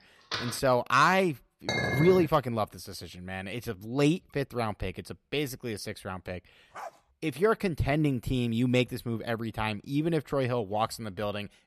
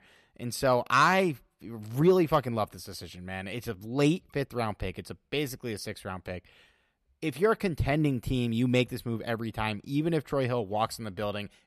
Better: second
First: door banging; noticeable; at 0.5 s; peak 6 dB below the speech // clattering dishes; noticeable; at 1.5 s; peak level with the speech // dog barking; faint; at 6.5 s; peak 15 dB below the speech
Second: none

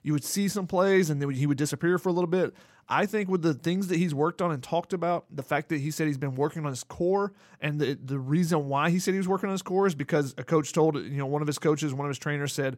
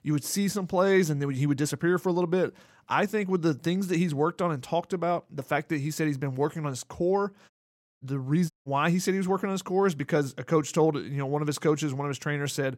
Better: first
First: none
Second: audio cutting out; at 7.5 s for 0.5 s and at 8.5 s

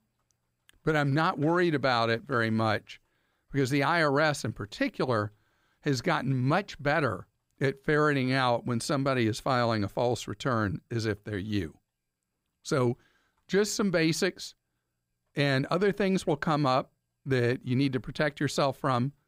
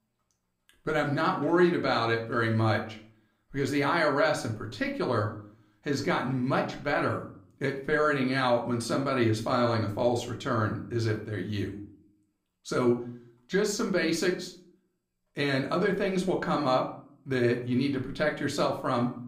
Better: first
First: none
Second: room echo; slight; dies away in 0.4 s // off-mic speech; somewhat distant

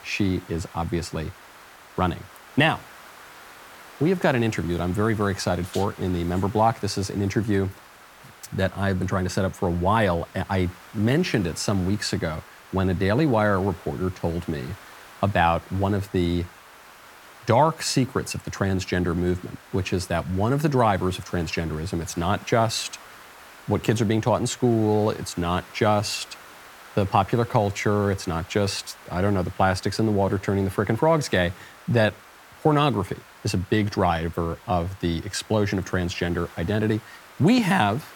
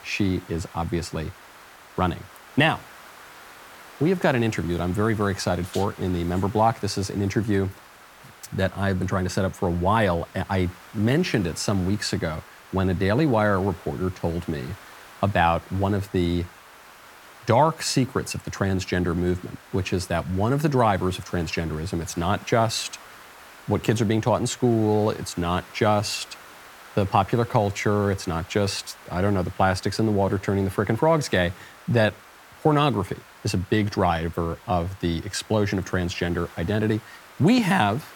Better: neither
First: hiss; faint; throughout; 20 dB below the speech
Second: hiss; faint; throughout; 20 dB below the speech

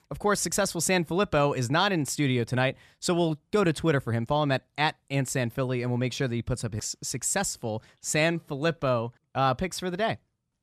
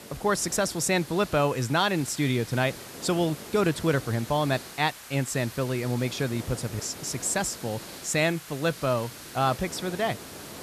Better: first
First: none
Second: hiss; noticeable; throughout; 15 dB below the speech

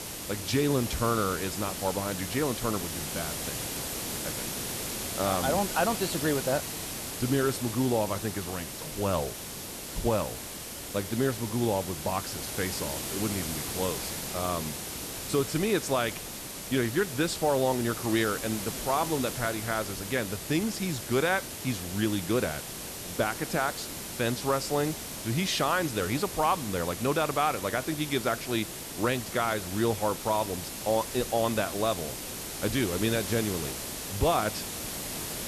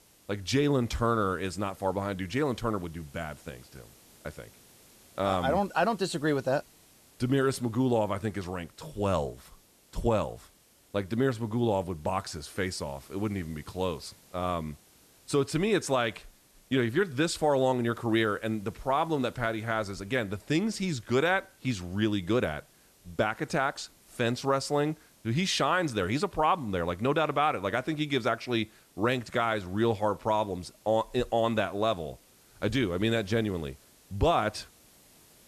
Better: second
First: hiss; loud; throughout; 5 dB below the speech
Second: hiss; faint; throughout; 30 dB below the speech

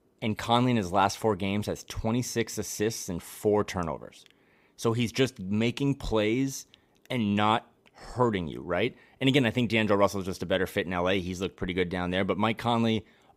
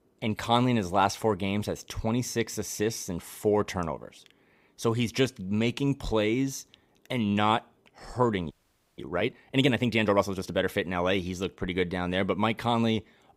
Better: first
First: none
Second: audio freezing; at 8.5 s

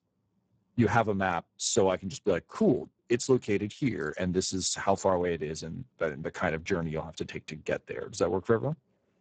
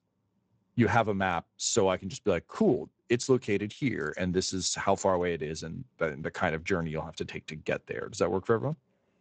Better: second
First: garbled, watery; badly; nothing above 8 kHz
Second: garbled, watery; slightly; nothing above 7.5 kHz

